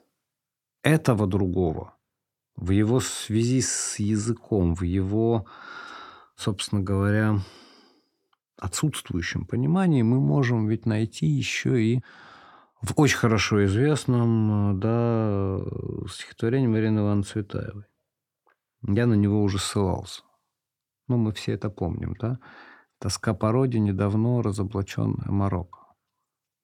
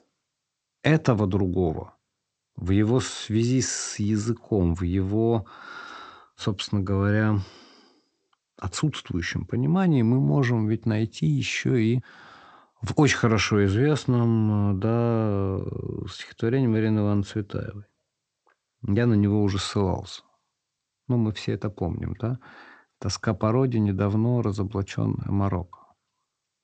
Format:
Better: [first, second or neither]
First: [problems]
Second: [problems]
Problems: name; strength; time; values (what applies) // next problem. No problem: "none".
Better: first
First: none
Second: garbled, watery; slightly; nothing above 8 kHz